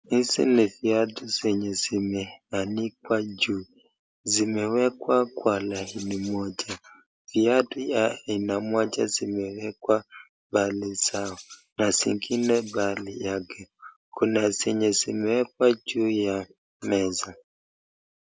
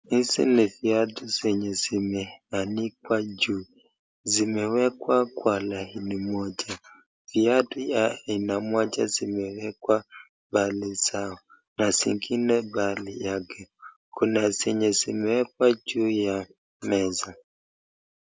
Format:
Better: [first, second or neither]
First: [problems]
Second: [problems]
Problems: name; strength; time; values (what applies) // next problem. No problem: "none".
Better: second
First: background sound (Bird); 18 dB below the speech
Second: none